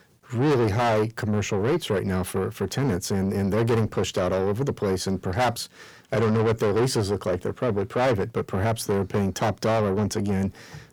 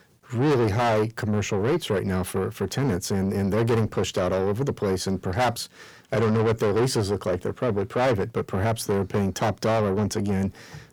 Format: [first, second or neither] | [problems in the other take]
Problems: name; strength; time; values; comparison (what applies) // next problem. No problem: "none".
neither | distortion; heavy; 6 dB below the speech; the same in both